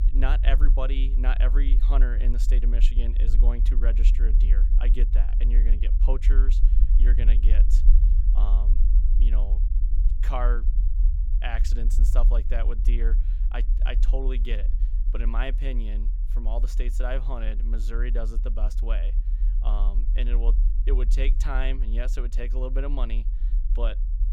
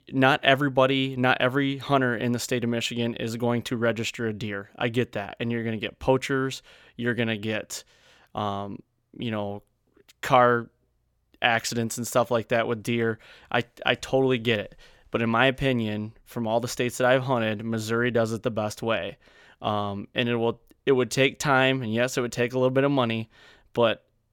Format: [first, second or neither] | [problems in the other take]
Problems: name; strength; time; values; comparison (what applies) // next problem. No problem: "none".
second | low rumble; noticeable; throughout; 10 dB below the speech